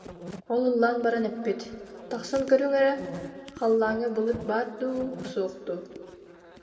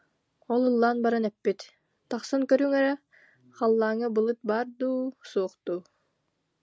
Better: second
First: background sound (Insect); 17 dB below the speech // room echo; dies away in 1.8 s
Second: none

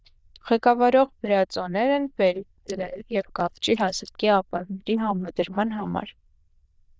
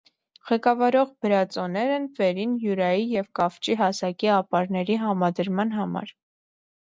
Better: second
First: noise reduction (neural diffusion model UNIVERSE++)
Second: none

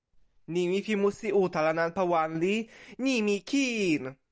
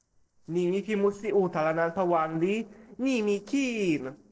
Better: first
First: none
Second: noise reduction (neural separator model SepFormer DNS4)

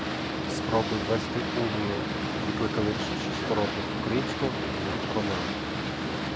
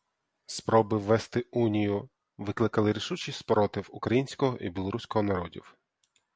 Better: second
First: background sound (Boat, Water vehicle); 2 dB above the speech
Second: none

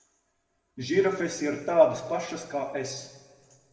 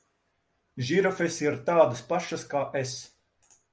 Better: second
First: room echo; dies away in 1.3 s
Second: none

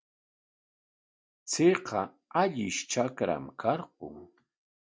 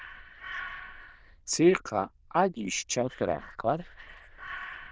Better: first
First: none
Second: noise reduction (neural diffusion model UNIVERSE++)

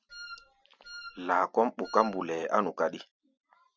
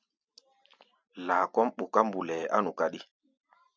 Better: second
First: background sound (Wind instrument, woodwind instrument); 16 dB below the speech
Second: none

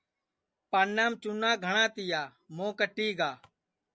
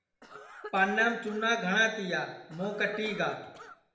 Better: first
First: none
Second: background sound (Cough); 17 dB below the speech // room echo; dies away in 0.8 s

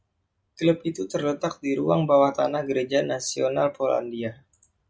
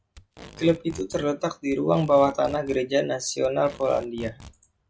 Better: first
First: none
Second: background sound (Packing tape, duct tape); 20 dB below the speech

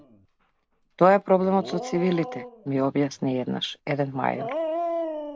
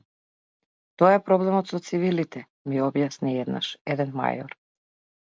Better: second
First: background sound (Dog); 9 dB below the speech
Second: none

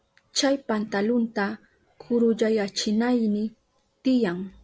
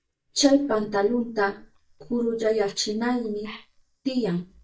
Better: first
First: none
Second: noise reduction (neural mask model DeepFilterNet 3)

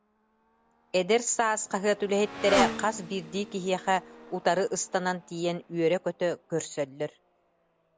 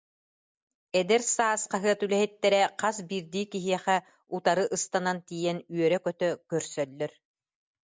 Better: second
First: background sound (Motorcycle); 10 dB below the speech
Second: none

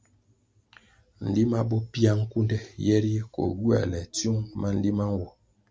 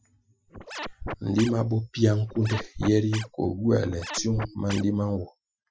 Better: first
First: none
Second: noise reduction (classical method Wiener filter)

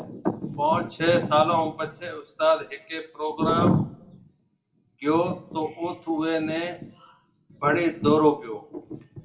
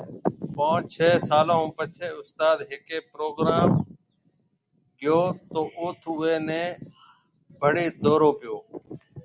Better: second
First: room echo; dies away in 0.3 s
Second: none

